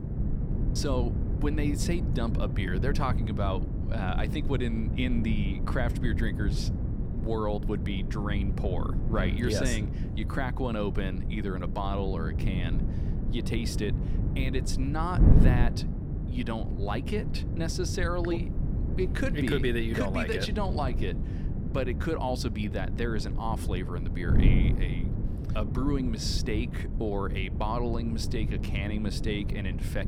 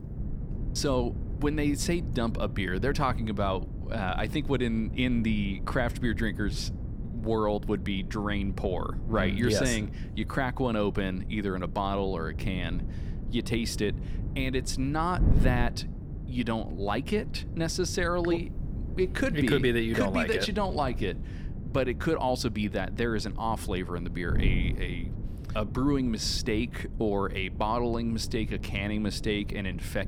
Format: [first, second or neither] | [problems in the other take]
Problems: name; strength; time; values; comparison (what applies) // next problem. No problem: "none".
second | wind noise on the microphone; heavy; 7 dB below the speech; occasional gusts in the second